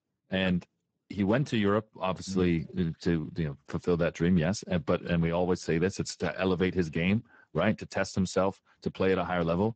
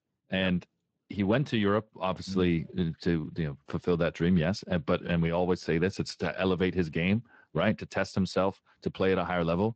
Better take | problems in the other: second | garbled, watery; badly; nothing above 8 kHz; slightly in the second

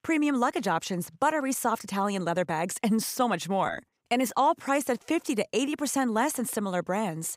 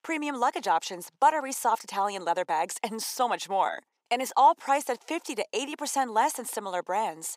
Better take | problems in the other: first | thin; somewhat; fading below 450 Hz

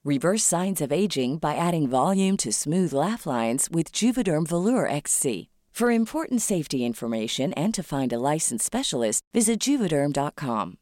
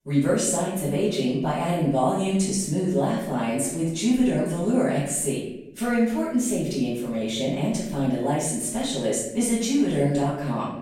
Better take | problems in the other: first | off-mic speech; far // room echo; noticeable; dies away in 0.7 s

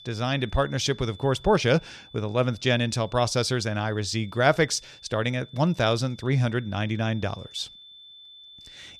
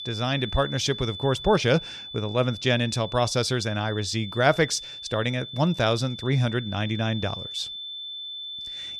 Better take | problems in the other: first | high-pitched whine; loud; throughout; 3.5 kHz, 10 dB below the speech; faint in the first

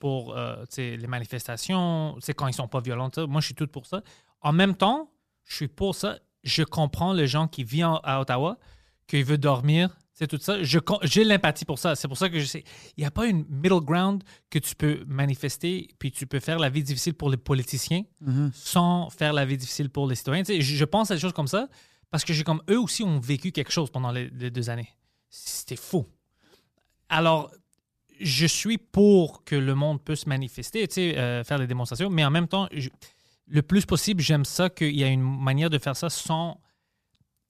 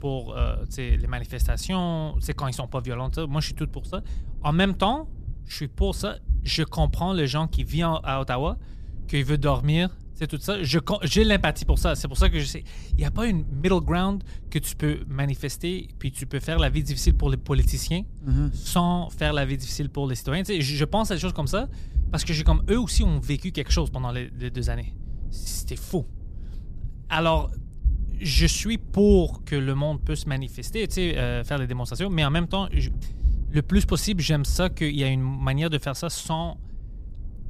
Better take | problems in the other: first | low rumble; faint; throughout; 20 dB below the speech

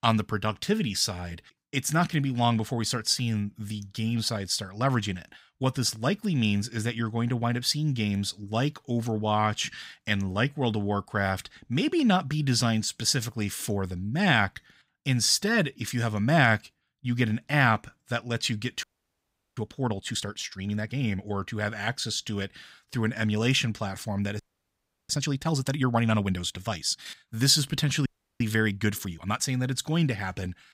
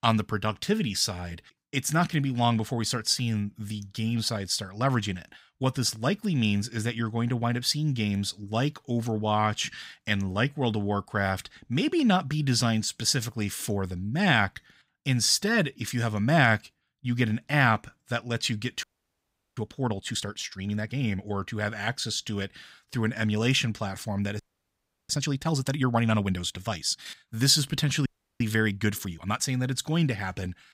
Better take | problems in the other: neither | audio freezing; at 19 s for 0.5 s, at 24 s for 0.5 s and at 28 s; the same in both

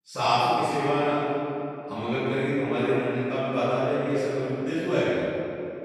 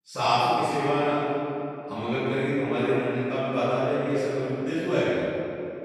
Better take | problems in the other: neither | off-mic speech; far; the same in both // room echo; strong; dies away in 2.7 s; the same in both

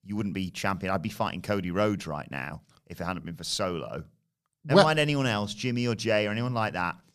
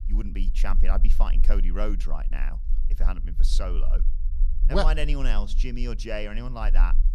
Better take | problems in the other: first | low rumble; noticeable; throughout; 20 dB below the speech

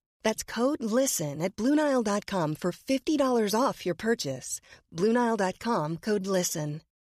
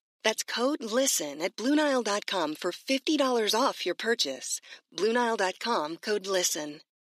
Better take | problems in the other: first | thin; very slightly; fading below 300 Hz

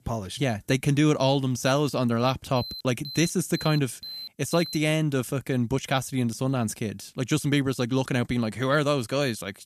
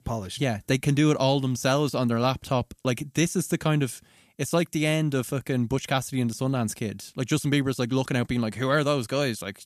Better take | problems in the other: second | alarm; faint; from 2.5 to 5 s; peak 10 dB below the speech

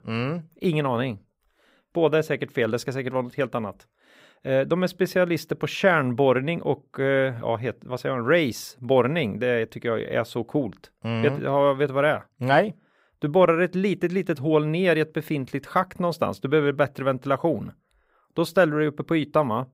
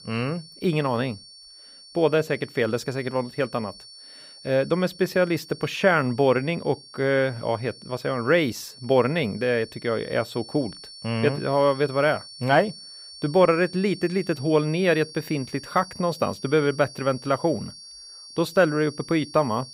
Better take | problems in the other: first | high-pitched whine; noticeable; throughout; 4.5 kHz, 15 dB below the speech

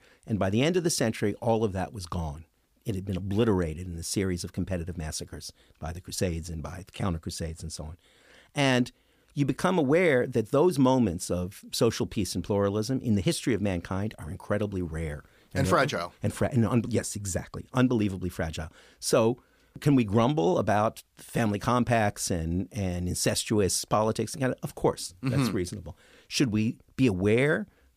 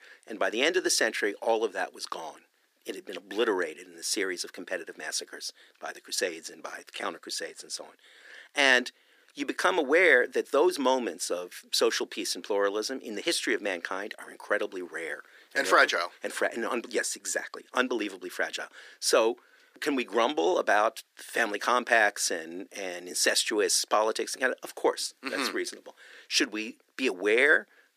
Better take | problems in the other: first | thin; very; fading below 300 Hz

